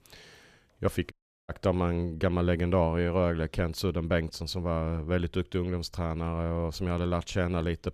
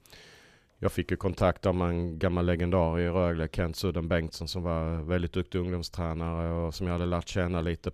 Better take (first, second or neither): second